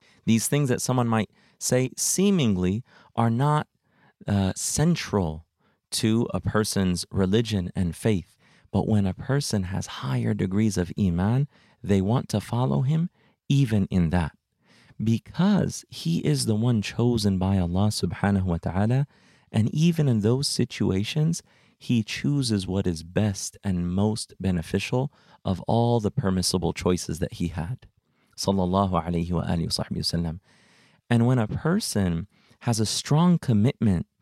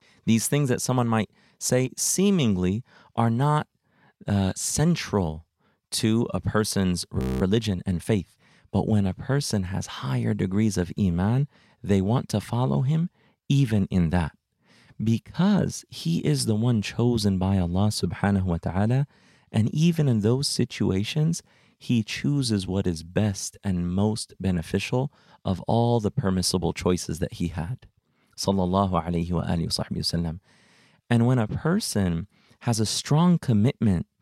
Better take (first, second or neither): first